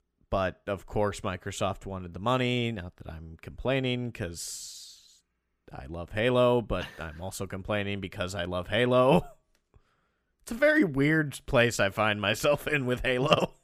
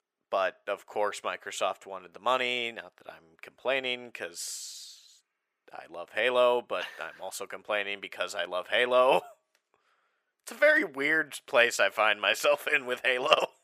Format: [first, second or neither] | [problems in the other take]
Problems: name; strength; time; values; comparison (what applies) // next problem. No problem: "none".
first | thin; very; fading below 600 Hz